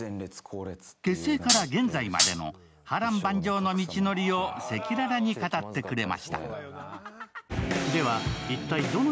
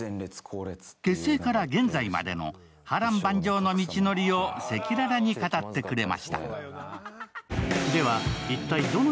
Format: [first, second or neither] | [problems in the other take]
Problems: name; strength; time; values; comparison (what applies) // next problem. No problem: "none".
second | background sound (Hi-hat); 4 dB above the speech